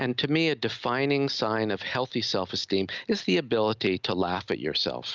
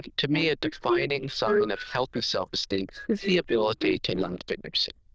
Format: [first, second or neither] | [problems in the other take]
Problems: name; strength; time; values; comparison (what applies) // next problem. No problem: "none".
first | noise reduction (neural diffusion model UNIVERSE++)